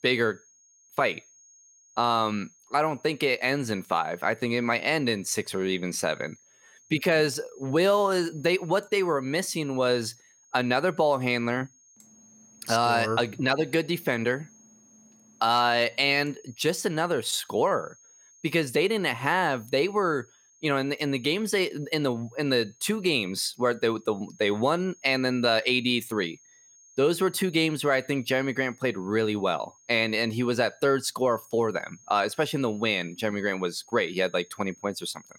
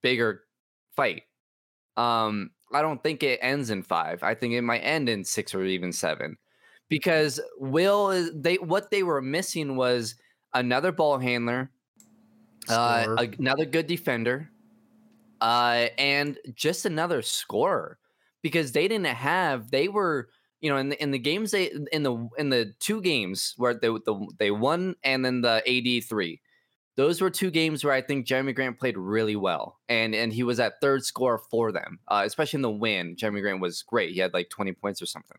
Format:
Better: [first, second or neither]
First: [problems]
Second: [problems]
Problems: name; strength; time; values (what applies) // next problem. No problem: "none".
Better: second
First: high-pitched whine; faint; throughout; 6.5 kHz, 30 dB below the speech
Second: none